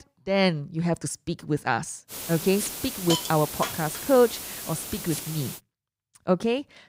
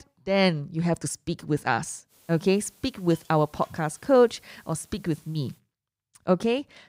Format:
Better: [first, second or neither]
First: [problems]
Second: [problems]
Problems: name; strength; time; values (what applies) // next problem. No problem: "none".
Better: second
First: hiss; loud; from 2 to 5.5 s; 6 dB below the speech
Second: hiss; faint; from 2 to 5.5 s; 30 dB below the speech